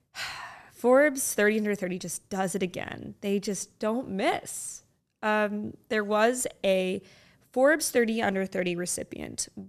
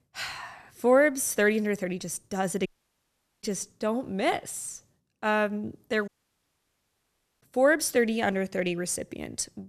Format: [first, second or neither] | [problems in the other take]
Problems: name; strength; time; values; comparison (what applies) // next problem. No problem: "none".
first | audio cutting out; at 2.5 s for 1 s and at 6 s for 1.5 s